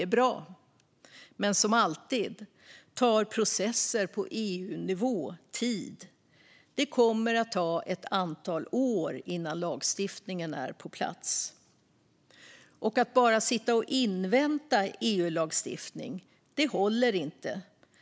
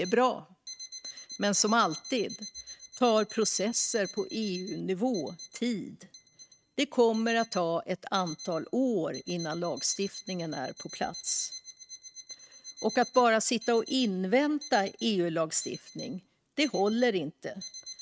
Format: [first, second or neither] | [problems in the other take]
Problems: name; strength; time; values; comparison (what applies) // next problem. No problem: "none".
first | noise reduction (neural mask model RNNoise)